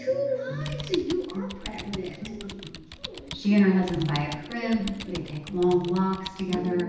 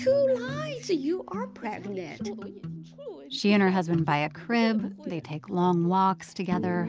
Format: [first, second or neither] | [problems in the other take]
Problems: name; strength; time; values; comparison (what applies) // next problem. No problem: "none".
second | background sound (Typing); 13 dB below the speech // room echo; dies away in 0.9 s